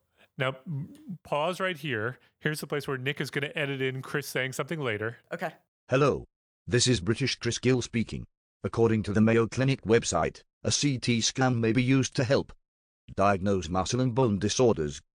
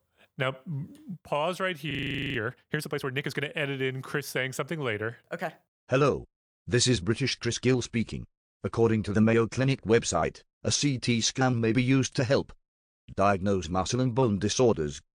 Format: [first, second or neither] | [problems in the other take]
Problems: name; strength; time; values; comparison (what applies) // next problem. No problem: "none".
first | audio freezing; at 2 s